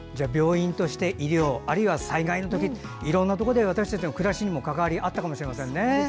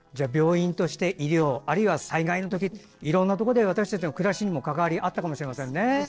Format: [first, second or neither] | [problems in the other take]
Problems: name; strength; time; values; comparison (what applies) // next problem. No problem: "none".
first | noise reduction (neural separator model SepFormer DNS4)